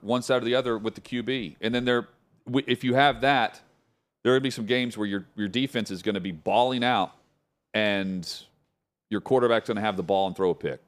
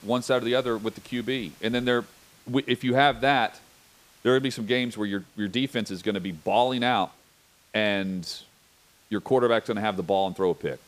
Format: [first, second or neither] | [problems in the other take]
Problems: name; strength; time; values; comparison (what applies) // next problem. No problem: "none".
first | hiss; faint; throughout; 30 dB below the speech